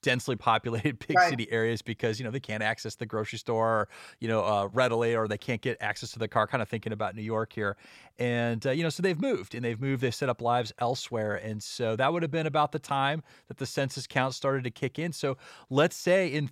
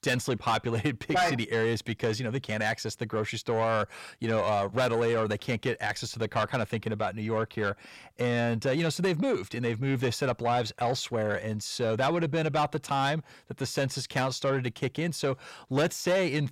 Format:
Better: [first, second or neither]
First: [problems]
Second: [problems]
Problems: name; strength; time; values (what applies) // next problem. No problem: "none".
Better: first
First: none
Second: distortion; slight; 10 dB below the speech